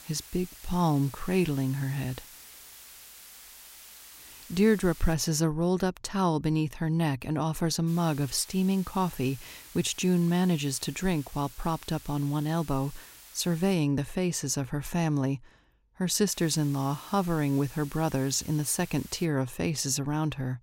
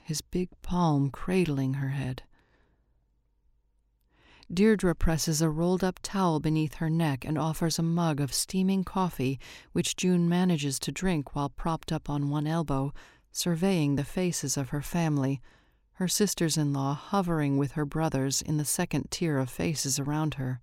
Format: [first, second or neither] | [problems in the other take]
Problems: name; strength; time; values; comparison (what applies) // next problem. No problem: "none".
second | hiss; noticeable; until 5 s, from 8 to 14 s and from 16 to 19 s; 20 dB below the speech